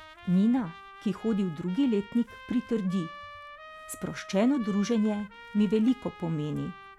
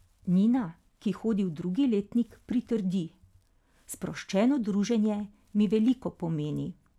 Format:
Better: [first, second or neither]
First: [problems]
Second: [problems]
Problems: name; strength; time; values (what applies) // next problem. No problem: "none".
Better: second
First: background sound (Trumpet); 18 dB below the speech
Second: none